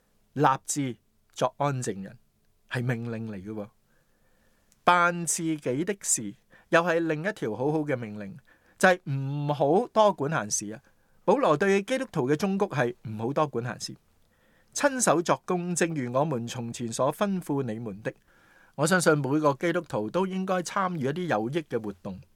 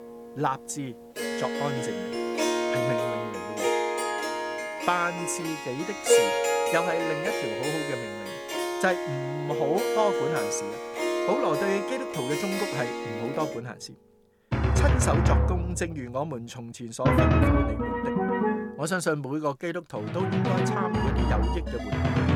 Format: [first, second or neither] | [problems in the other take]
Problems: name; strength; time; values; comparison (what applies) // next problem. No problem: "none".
first | background music; very loud; throughout; 4 dB above the speech